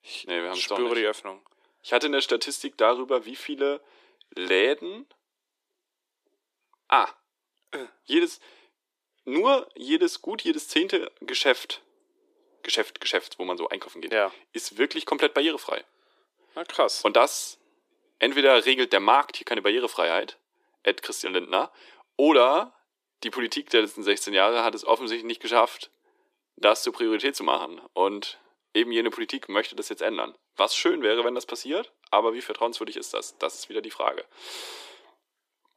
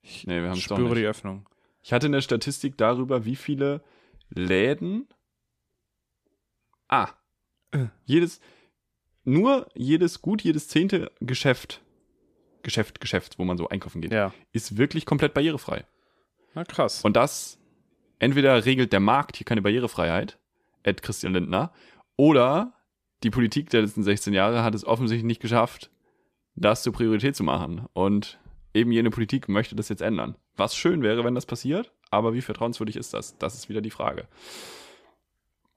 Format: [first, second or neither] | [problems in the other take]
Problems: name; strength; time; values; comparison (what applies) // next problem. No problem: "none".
second | thin; somewhat; fading below 300 Hz